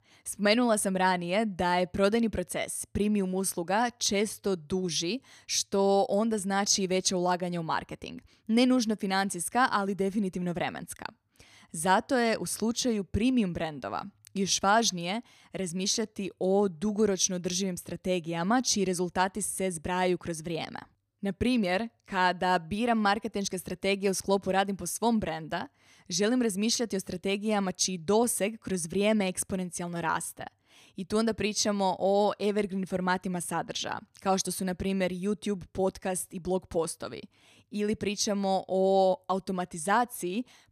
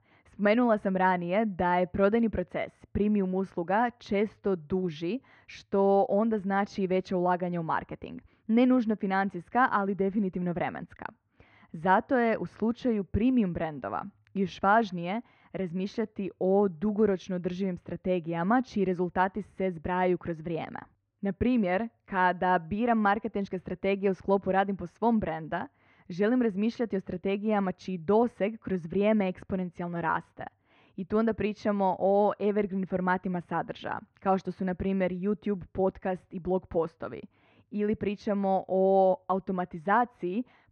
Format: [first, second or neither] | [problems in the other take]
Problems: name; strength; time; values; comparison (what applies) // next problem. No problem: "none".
first | muffled; very; fading above 2 kHz